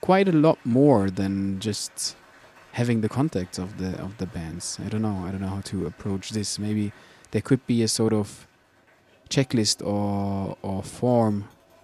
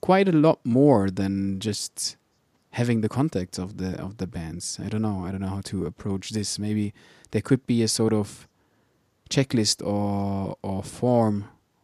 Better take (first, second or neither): second